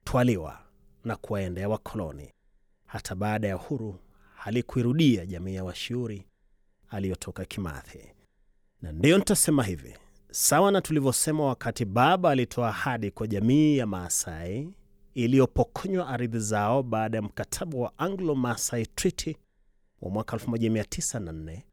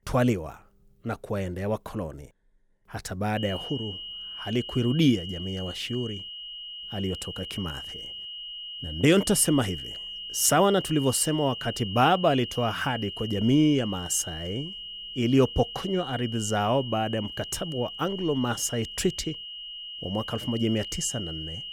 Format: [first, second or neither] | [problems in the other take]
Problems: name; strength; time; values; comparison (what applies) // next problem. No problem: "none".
first | high-pitched whine; loud; from 3.5 s on; 3 kHz, 9 dB below the speech